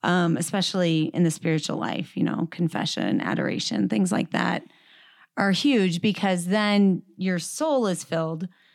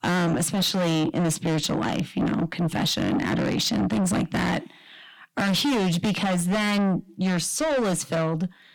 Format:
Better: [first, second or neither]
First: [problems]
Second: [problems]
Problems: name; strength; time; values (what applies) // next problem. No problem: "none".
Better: first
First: none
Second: distortion; heavy; 6 dB below the speech